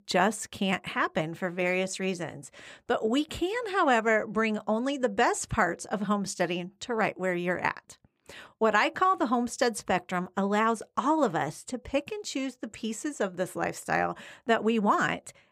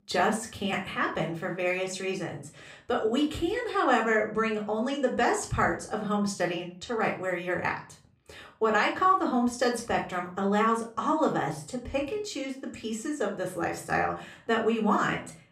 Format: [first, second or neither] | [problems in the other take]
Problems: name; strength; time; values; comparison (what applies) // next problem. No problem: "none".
first | off-mic speech; somewhat distant // room echo; slight; dies away in 0.3 s